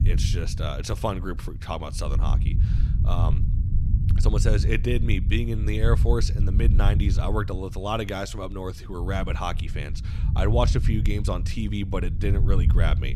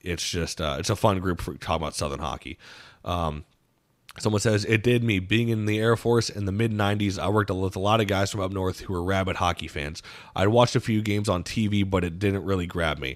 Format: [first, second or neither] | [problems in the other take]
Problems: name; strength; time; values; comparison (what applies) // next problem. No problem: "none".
second | low rumble; loud; throughout; 10 dB below the speech